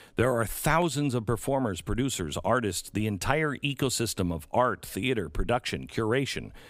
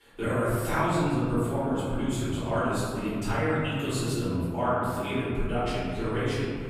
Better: first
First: none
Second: off-mic speech; far // room echo; strong; dies away in 2.6 s

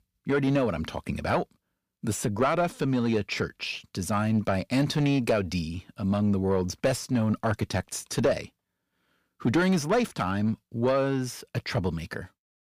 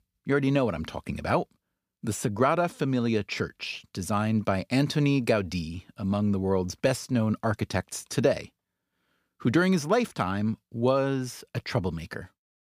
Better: second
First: distortion; slight; 10 dB below the speech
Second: none

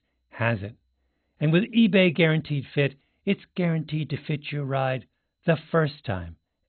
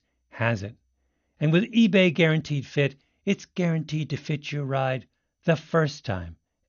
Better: second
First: garbled, watery; badly; nothing above 4 kHz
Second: garbled, watery; slightly; nothing above 6.5 kHz

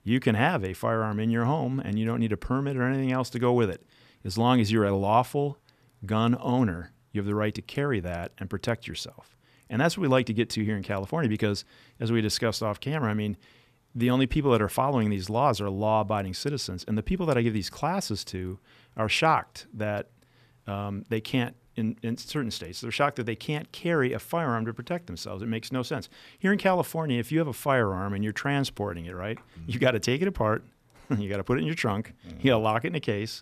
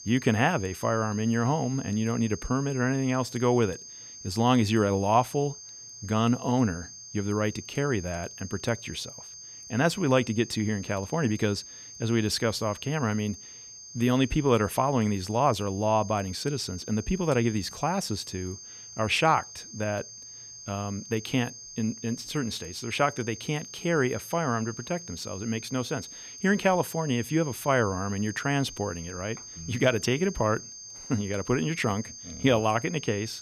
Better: first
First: none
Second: high-pitched whine; noticeable; throughout; 6.5 kHz, 15 dB below the speech

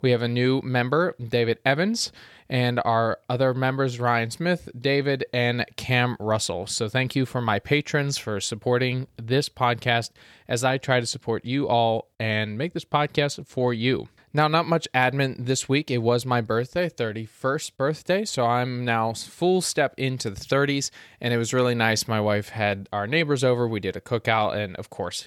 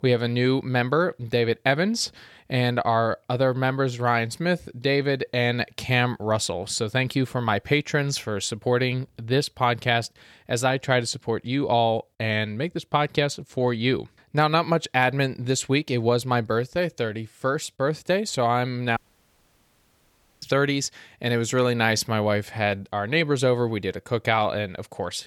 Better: first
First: none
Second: audio cutting out; at 19 s for 1.5 s

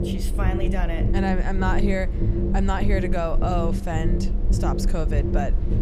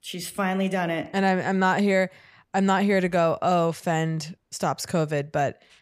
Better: second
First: low rumble; loud; throughout; 6 dB below the speech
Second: none

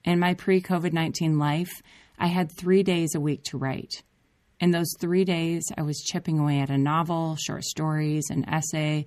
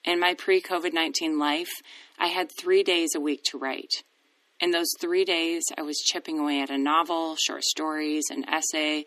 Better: first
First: none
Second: thin; somewhat; fading below 300 Hz

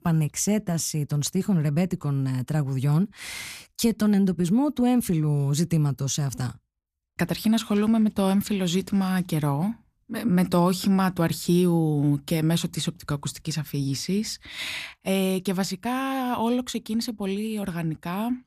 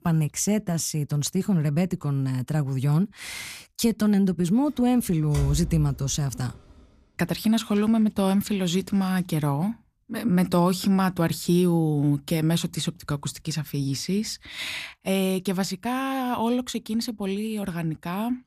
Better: first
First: none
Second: door banging; noticeable; at 5.5 s; peak 6 dB below the speech

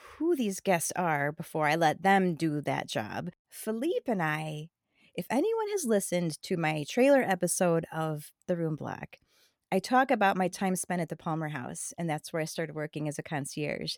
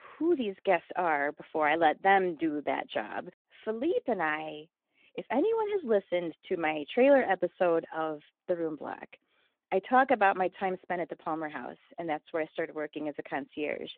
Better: first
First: none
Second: phone-call audio

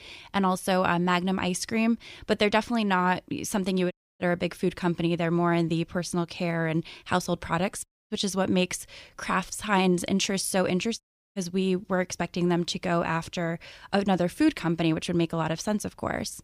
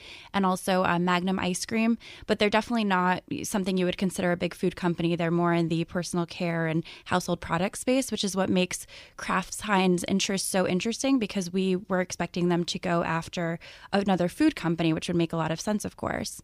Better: second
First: audio cutting out; at 4 s, at 8 s and at 11 s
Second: none

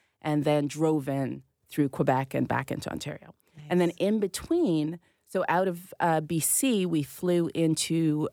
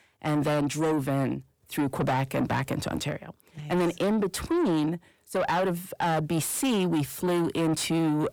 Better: first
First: none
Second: distortion; heavy; 8 dB below the speech

